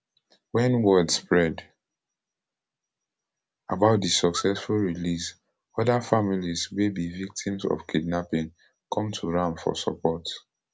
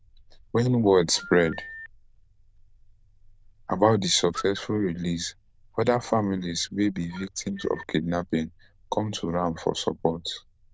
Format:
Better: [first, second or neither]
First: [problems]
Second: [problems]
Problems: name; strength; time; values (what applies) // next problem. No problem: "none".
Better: first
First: none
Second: noise reduction (neural diffusion model UNIVERSE++)